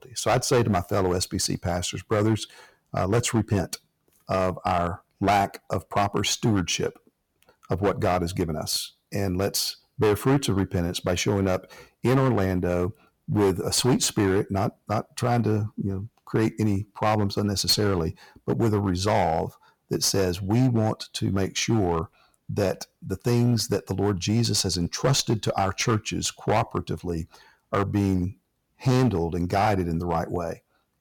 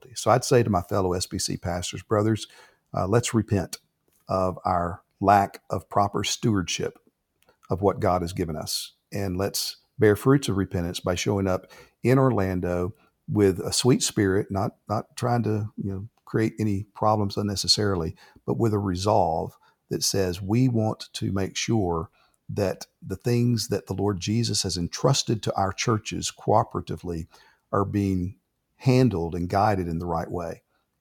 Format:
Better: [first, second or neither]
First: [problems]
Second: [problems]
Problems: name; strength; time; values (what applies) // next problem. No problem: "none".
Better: second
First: distortion; slight; 6% of the sound clipped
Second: none